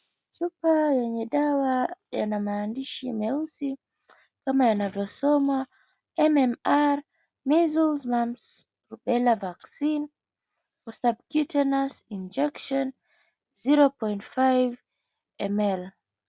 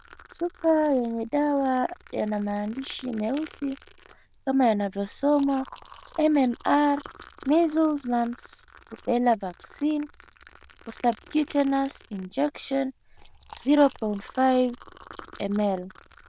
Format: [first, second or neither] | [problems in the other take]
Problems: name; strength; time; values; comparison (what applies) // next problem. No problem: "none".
first | noise reduction (neural diffusion model UNIVERSE++)